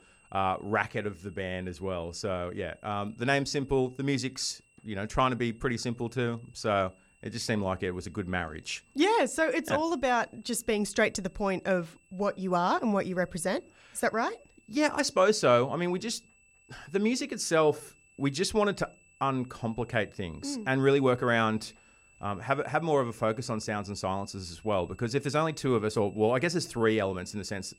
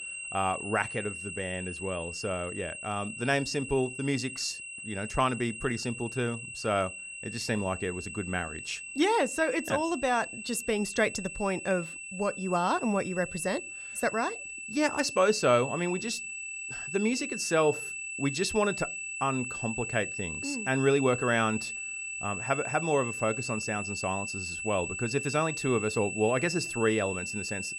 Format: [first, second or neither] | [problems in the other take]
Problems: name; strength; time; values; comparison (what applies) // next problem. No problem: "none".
first | high-pitched whine; loud; throughout; 2.5 kHz, 6 dB below the speech; faint in the first